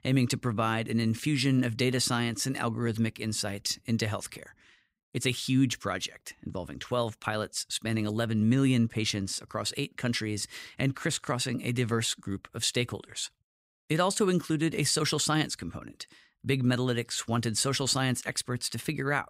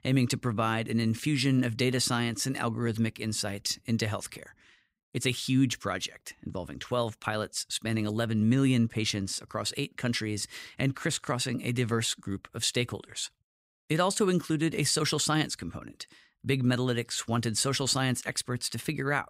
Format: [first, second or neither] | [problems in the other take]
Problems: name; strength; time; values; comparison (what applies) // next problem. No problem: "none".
neither | none